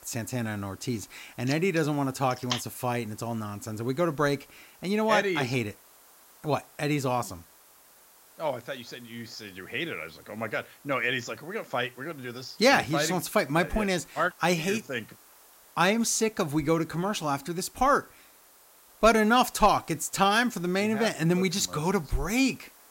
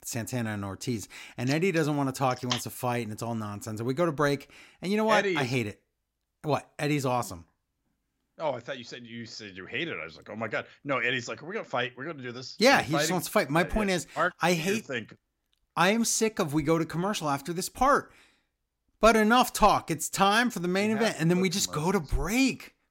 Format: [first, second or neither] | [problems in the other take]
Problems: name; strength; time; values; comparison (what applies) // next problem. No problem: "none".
second | hiss; faint; throughout; 25 dB below the speech